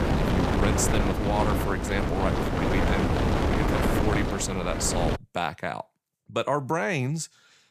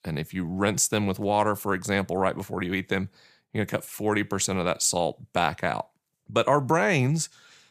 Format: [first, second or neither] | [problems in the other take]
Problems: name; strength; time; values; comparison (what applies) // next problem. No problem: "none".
second | wind noise on the microphone; heavy; until 5 s; 1 dB above the speech